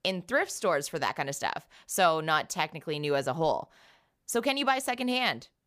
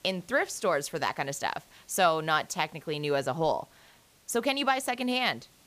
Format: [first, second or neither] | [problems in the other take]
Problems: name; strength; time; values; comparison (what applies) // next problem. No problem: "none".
first | hiss; faint; throughout; 30 dB below the speech